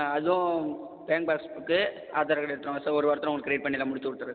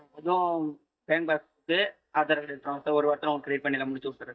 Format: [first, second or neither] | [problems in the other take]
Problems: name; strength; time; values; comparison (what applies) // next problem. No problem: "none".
first | noise reduction (neural mask model DeepFilterNet 3)